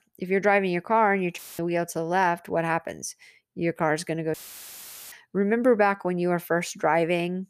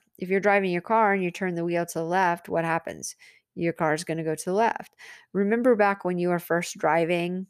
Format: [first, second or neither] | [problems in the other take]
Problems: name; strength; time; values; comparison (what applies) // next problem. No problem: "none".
second | audio cutting out; filled with static; at 1.5 s and at 4.5 s for 1 s